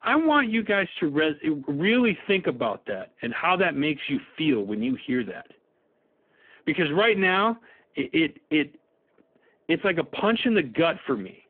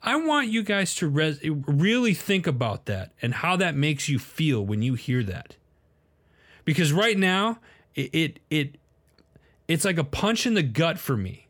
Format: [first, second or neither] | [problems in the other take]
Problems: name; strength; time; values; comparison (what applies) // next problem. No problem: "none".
second | phone-call audio; poor line; nothing above 3.5 kHz